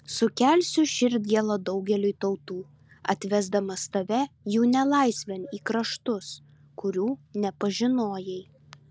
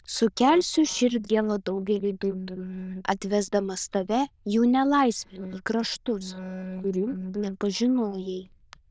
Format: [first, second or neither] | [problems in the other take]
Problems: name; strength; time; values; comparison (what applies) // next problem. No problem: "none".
first | noise reduction (neural diffusion model UNIVERSE++)